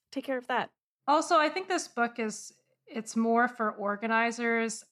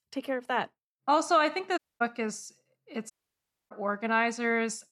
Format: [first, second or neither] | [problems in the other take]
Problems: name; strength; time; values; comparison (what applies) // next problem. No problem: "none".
first | audio cutting out; at 2 s and at 3 s for 0.5 s